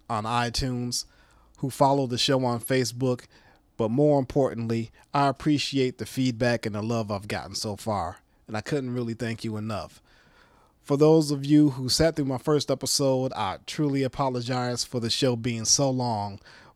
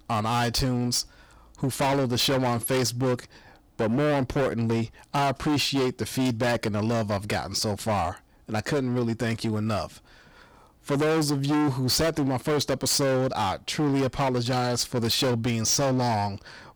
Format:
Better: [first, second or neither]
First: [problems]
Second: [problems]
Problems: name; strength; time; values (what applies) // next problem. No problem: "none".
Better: first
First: none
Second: distortion; heavy; 22% of the sound clipped